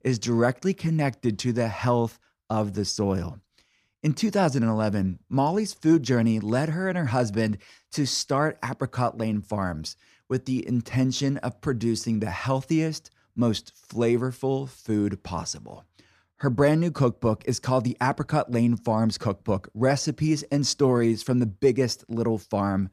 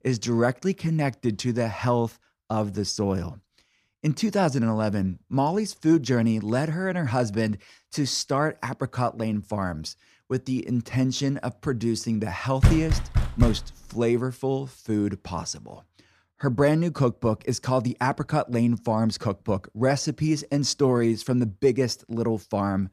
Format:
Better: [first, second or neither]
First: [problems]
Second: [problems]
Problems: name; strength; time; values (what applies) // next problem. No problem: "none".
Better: first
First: none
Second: door banging; loud; at 13 s; peak 4 dB above the speech